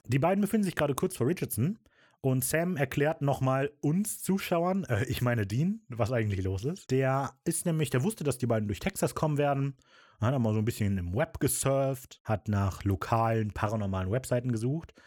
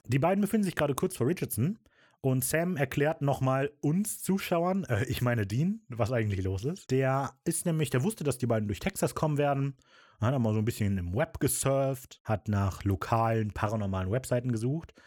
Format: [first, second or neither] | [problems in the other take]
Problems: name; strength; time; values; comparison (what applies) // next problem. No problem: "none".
neither | none